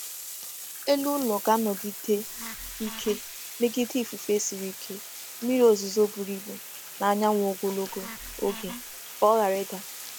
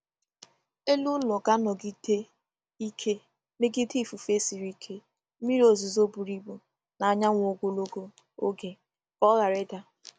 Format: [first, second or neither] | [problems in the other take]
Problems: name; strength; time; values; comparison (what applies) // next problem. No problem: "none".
second | background sound (Wood + Bathtub (filling or washing)); 12 dB below the speech